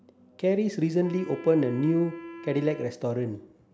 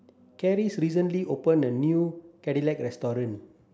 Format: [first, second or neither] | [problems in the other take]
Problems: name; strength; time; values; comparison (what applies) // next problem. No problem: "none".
second | background sound (Wind instrument, woodwind instrument); 17 dB below the speech